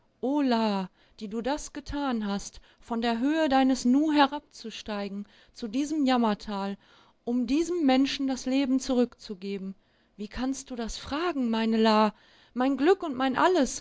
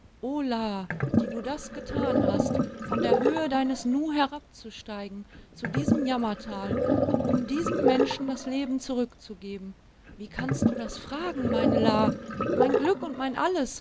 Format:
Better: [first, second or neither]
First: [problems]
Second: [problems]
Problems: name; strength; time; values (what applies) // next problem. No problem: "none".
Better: first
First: none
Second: background sound (Sink (filling or washing)); 1 dB above the speech